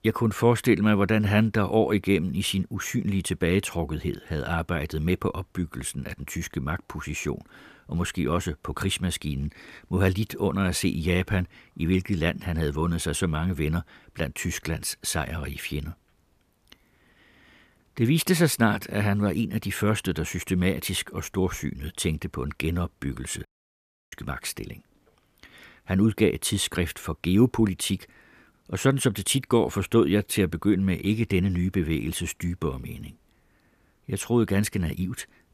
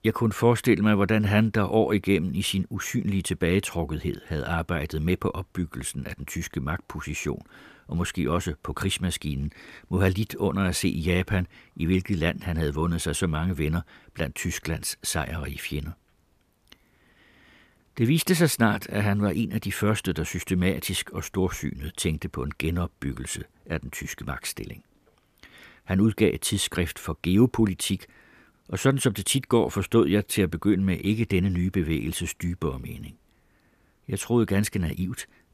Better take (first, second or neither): second